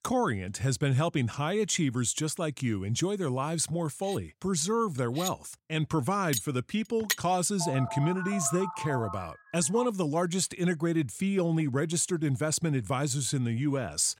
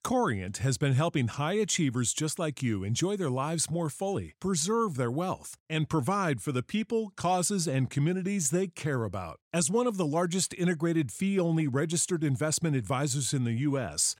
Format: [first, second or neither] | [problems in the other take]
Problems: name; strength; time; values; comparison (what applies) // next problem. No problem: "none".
second | clattering dishes; noticeable; from 5 to 7 s; peak 2 dB below the speech // phone ringing; noticeable; from 7.5 to 10 s; peak 7 dB below the speech